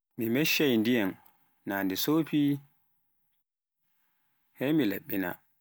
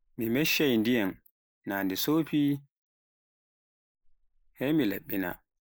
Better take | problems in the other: first | noise reduction (neural mask model Resemble Enhance denoiser)

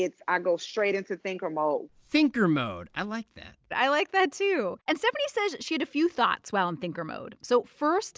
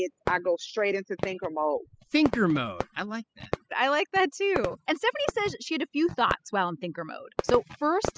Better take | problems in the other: first | noise reduction (classical method spectral subtraction)

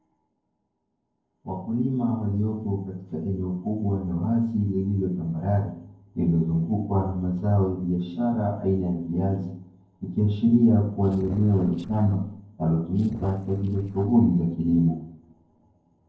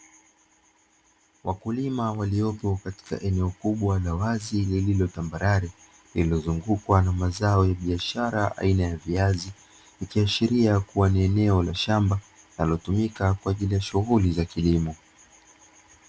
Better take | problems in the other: second | noise reduction (neural separator model SepFormer DNS4)

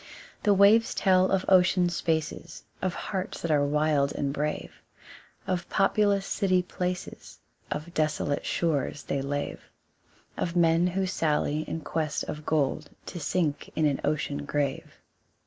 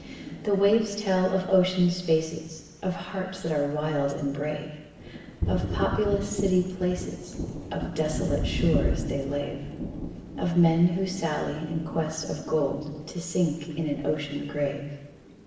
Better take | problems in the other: first | background sound (Thunder); 7 dB below the speech // room echo; dies away in 1.1 s

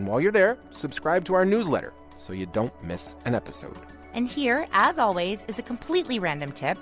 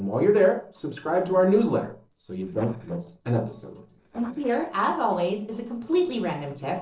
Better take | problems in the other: first | noise reduction (neural separator model SepFormer DNS4)

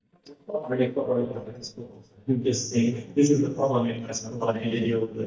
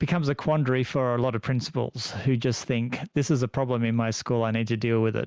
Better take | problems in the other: second | noise reduction (neural mask model DeepFilterNet 3)

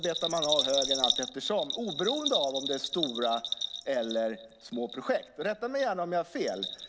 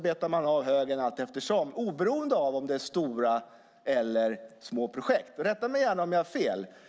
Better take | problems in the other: second | background sound (Bell); 3 dB below the speech

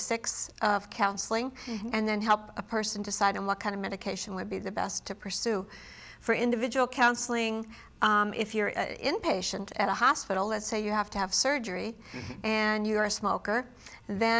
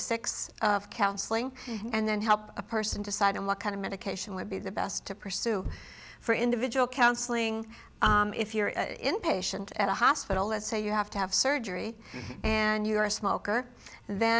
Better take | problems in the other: first | background sound (Thump, thud); 16 dB below the speech

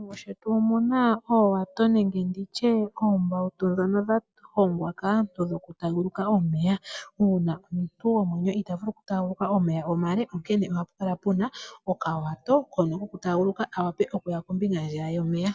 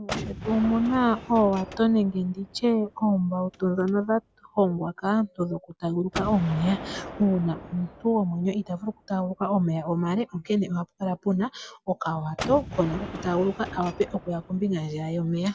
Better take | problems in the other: first | background sound (Gunshot, gunfire); 14 dB below the speech

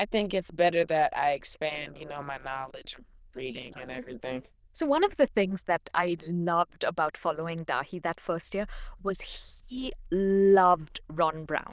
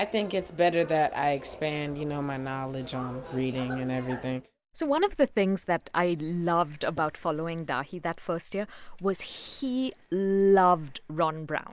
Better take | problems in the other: second | noise reduction (neural diffusion model UNIVERSE++)

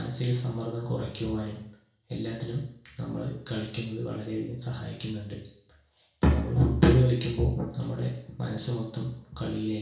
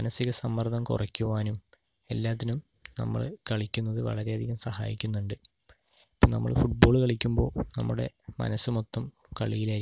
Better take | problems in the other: second | room echo; dies away in 0.6 s

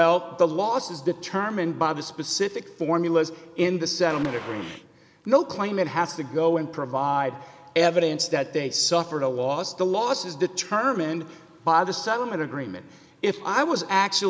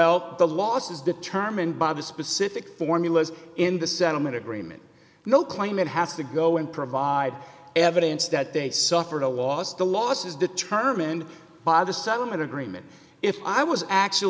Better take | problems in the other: second | background sound (Gunshot, gunfire); 14 dB below the speech

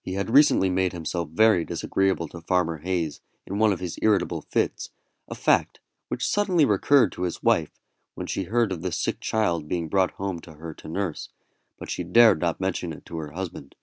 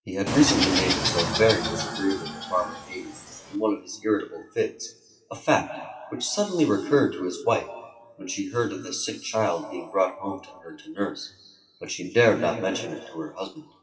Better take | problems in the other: first | noise reduction (classical method WPE with log-MMSE)

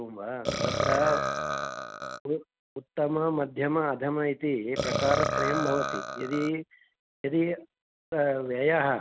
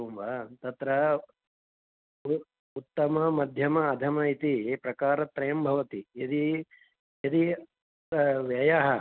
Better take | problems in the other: second | background sound (Burping, eructation); 2 dB below the speech

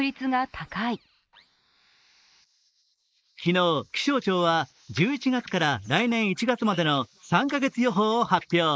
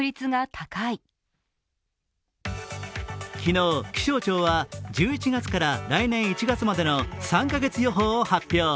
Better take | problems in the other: second | noise reduction (neural mask model Resemble Enhance denoiser)

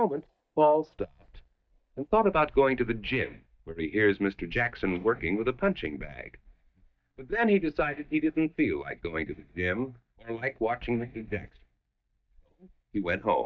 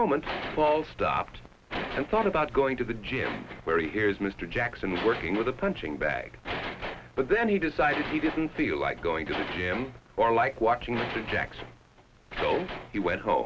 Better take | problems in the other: second | noise reduction (neural mask model DeepFilterNet 3)

